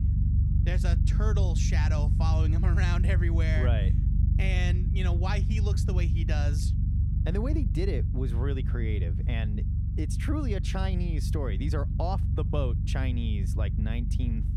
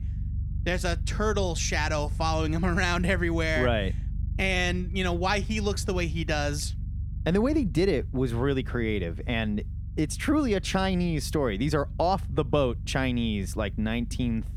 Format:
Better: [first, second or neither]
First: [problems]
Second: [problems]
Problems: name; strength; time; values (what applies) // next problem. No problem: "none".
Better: second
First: low rumble; loud; throughout; 5 dB below the speech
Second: low rumble; faint; throughout; 20 dB below the speech